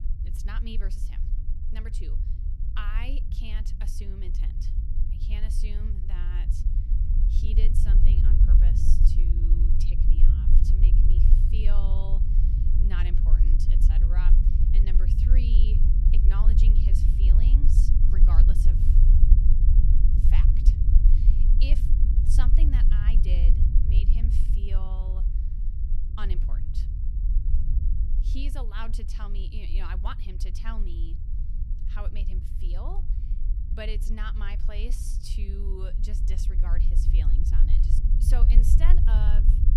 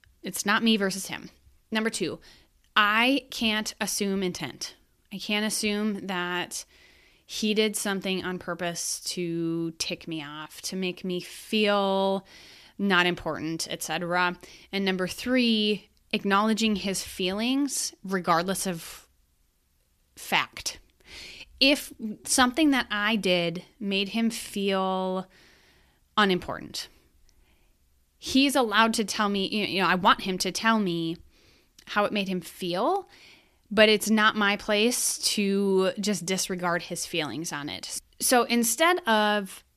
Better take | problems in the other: second | low rumble; loud; throughout; 2 dB below the speech

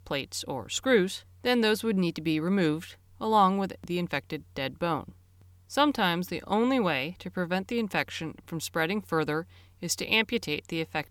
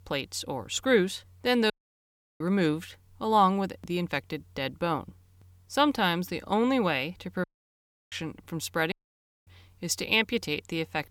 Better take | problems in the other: first | audio cutting out; at 1.5 s for 0.5 s, at 7.5 s for 0.5 s and at 9 s for 0.5 s

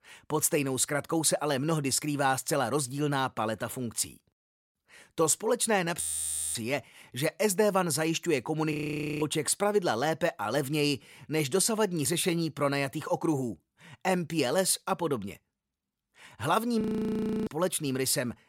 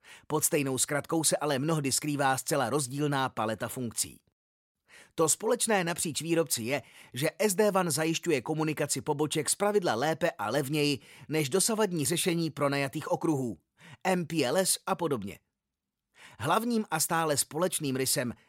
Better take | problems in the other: second | audio freezing; at 6 s for 0.5 s, at 8.5 s and at 17 s for 0.5 s

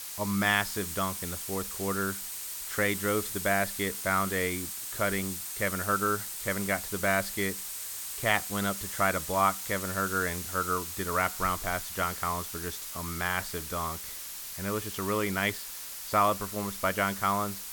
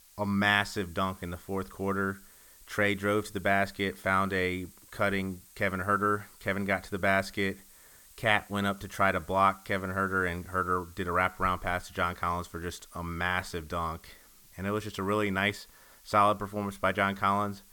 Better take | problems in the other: second | hiss; loud; throughout; 5 dB below the speech; faint in the second

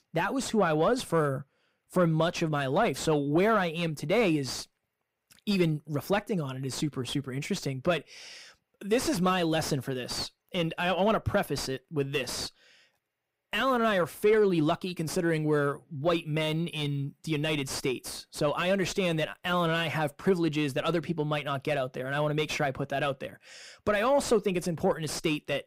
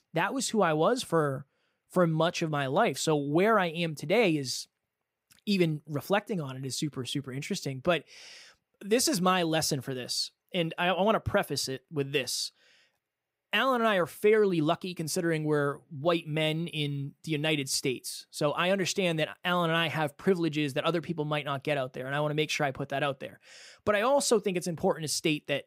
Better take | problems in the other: second | distortion; slight; 10 dB below the speech

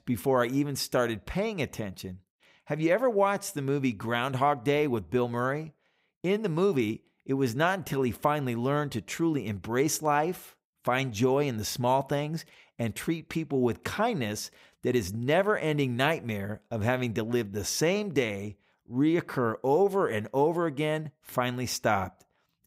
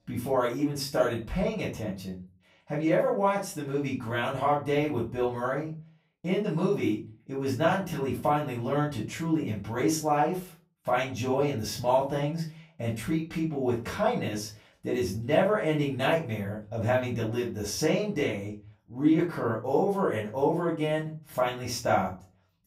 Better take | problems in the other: first | off-mic speech; far // room echo; slight; dies away in 0.3 s

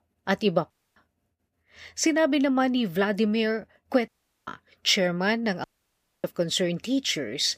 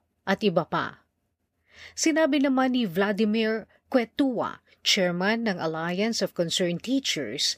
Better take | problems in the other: second | audio cutting out; at 0.5 s, at 4 s and at 5.5 s for 0.5 s

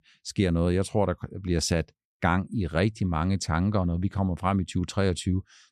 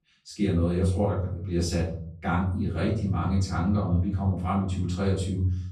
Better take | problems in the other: first | off-mic speech; far // room echo; noticeable; dies away in 0.6 s

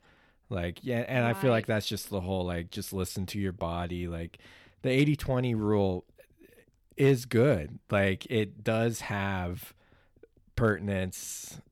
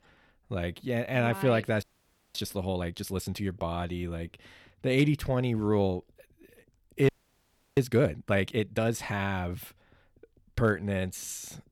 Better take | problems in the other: first | audio freezing; at 2 s for 0.5 s and at 7 s for 0.5 s

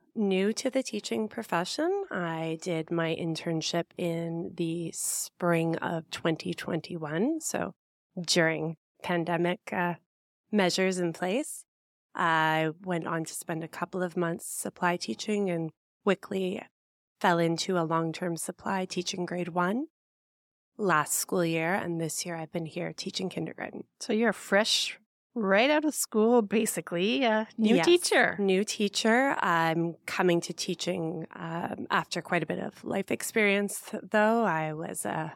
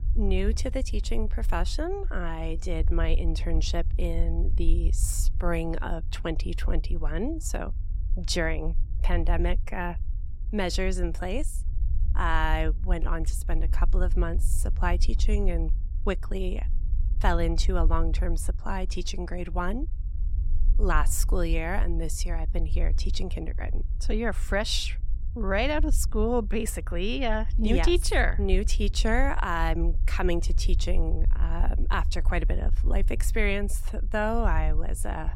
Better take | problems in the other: first | low rumble; faint; throughout; 20 dB below the speech

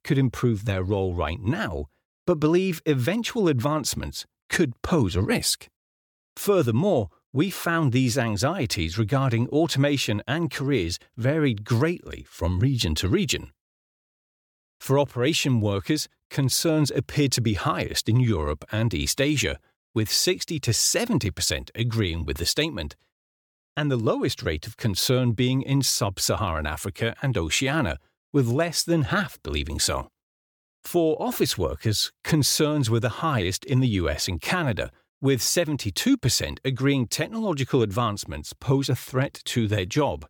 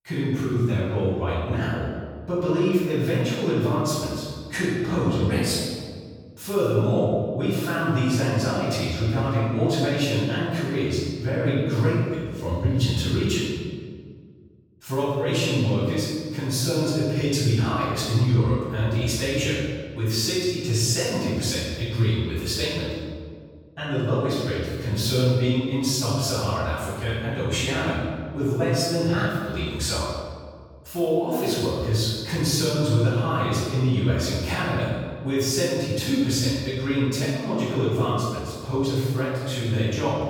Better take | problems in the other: first | off-mic speech; far // room echo; strong; dies away in 1.6 s

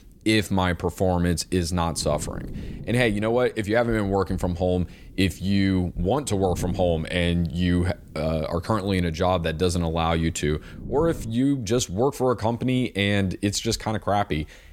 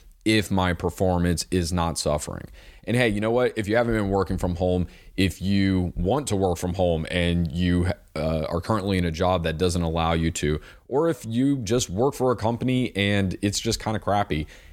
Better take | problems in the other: second | wind noise on the microphone; occasional gusts; until 11 s; 25 dB below the speech

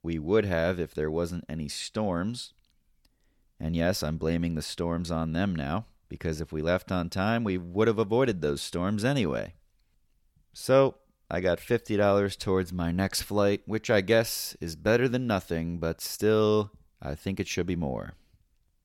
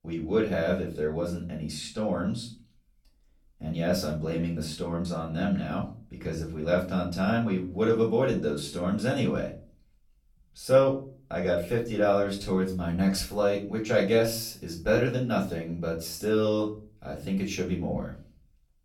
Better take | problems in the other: first | room echo; slight; dies away in 0.3 s // off-mic speech; far

